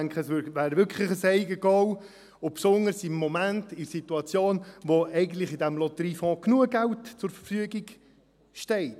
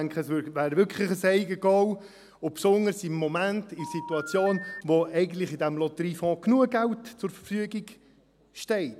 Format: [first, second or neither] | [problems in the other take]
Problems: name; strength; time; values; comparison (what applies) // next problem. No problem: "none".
first | background sound (Telephone); 13 dB below the speech